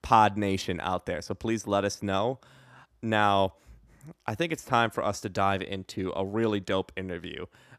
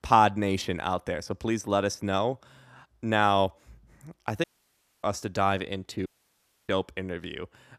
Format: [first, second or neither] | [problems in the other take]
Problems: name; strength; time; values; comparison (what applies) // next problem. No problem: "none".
first | audio cutting out; at 4.5 s for 0.5 s and at 6 s for 0.5 s